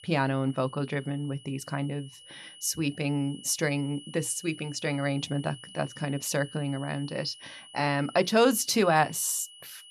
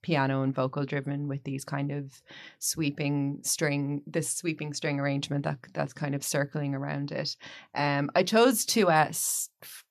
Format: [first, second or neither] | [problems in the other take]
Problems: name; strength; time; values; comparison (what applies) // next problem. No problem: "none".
second | high-pitched whine; noticeable; throughout; 3 kHz, 20 dB below the speech